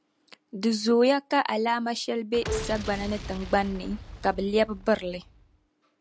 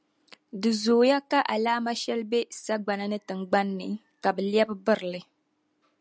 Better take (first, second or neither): second